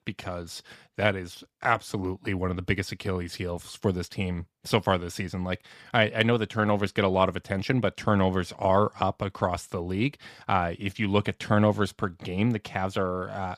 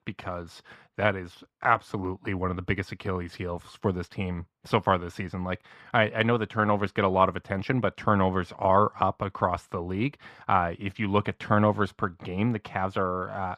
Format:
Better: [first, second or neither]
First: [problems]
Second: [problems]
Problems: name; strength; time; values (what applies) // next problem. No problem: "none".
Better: first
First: none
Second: muffled; slightly; fading above 3.5 kHz